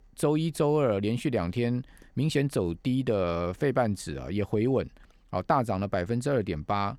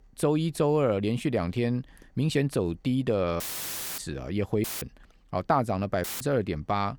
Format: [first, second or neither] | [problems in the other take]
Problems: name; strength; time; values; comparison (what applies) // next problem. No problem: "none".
first | audio cutting out; filled with static; at 3.5 s for 0.5 s, at 4.5 s and at 6 s